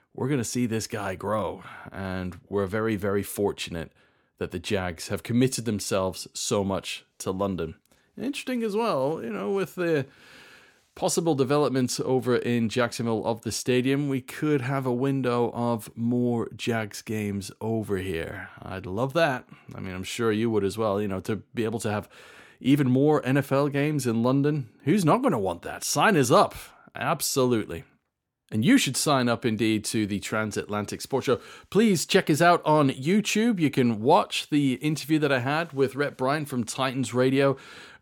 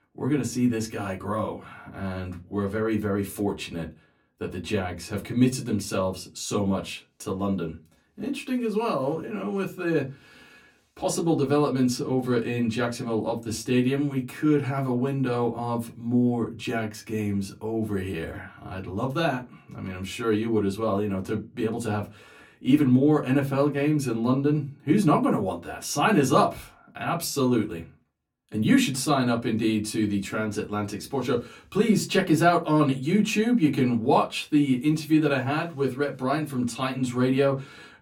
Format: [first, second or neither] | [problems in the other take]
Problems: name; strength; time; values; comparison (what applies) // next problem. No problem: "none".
first | off-mic speech; far // room echo; very slight; dies away in 0.2 s